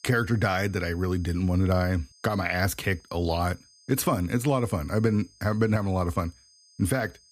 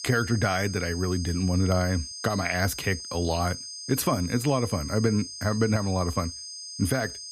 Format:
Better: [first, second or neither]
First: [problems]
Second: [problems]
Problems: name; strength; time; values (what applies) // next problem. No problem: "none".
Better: first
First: high-pitched whine; faint; throughout; 5 kHz, 30 dB below the speech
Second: high-pitched whine; loud; throughout; 5 kHz, 9 dB below the speech